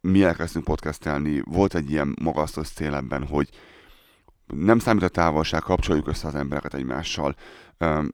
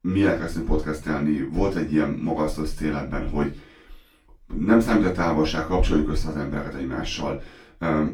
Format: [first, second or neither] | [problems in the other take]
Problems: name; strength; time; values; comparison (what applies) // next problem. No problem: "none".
first | off-mic speech; far // room echo; slight; dies away in 0.3 s